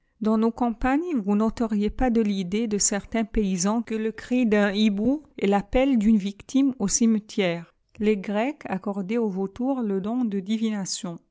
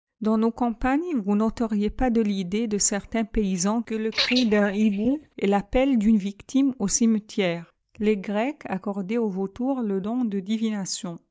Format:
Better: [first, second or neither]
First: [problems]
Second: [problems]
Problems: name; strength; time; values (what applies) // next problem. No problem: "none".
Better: first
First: none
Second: noise reduction (neural mask model DeepFilterNet 3)